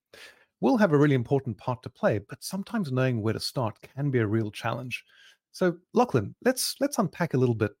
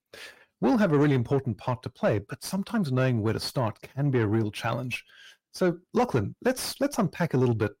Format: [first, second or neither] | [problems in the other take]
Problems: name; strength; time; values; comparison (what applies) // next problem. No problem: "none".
first | distortion; slight; 10 dB below the speech